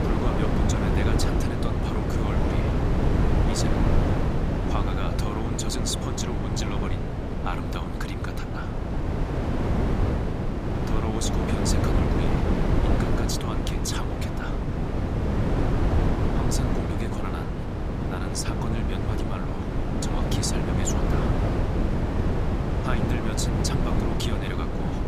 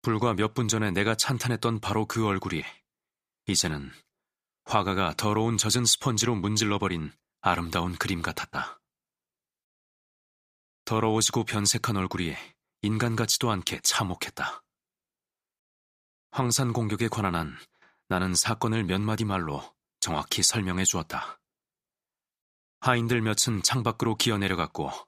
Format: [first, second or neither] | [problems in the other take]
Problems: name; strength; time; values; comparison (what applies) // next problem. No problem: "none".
second | wind noise on the microphone; heavy; 3 dB above the speech